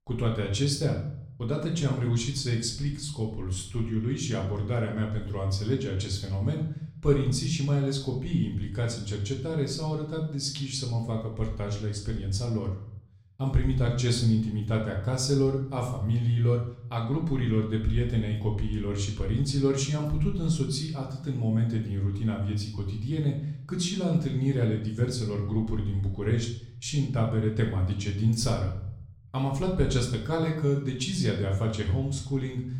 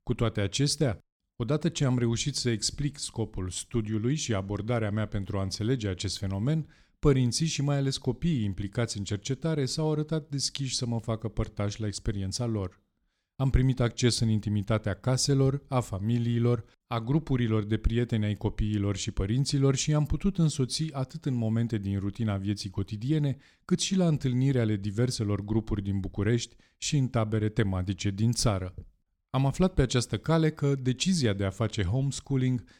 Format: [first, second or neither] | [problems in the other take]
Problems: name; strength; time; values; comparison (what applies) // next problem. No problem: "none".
second | room echo; slight; dies away in 0.6 s // off-mic speech; far